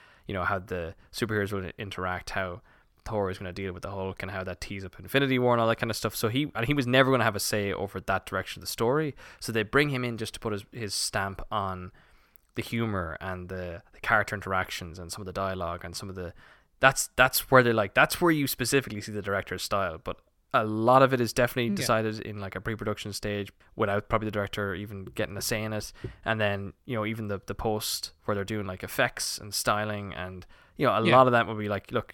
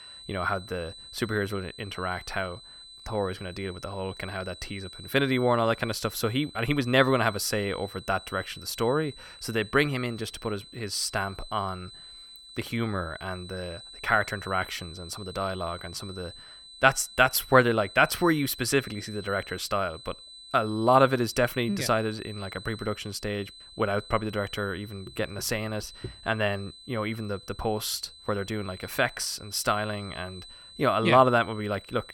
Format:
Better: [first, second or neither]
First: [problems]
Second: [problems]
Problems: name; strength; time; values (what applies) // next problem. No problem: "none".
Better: first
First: none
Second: high-pitched whine; noticeable; throughout; 4 kHz, 15 dB below the speech